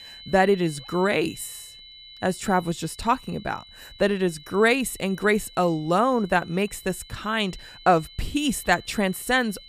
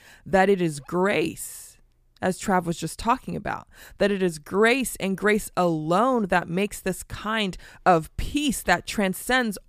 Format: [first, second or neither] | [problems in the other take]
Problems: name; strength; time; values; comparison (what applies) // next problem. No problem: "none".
second | high-pitched whine; noticeable; throughout; 4 kHz, 20 dB below the speech